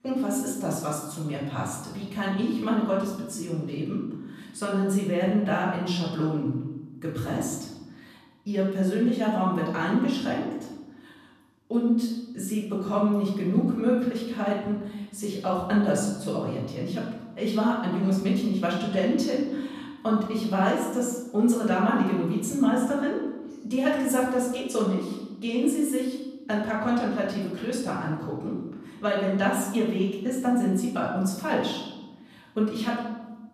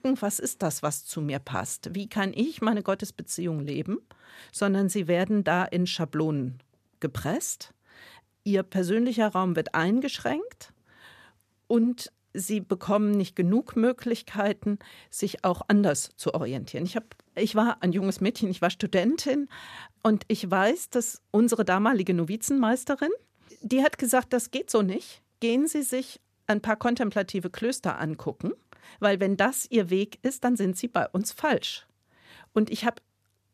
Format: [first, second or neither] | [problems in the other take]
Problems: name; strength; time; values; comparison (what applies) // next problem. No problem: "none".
second | off-mic speech; far // room echo; noticeable; dies away in 1 s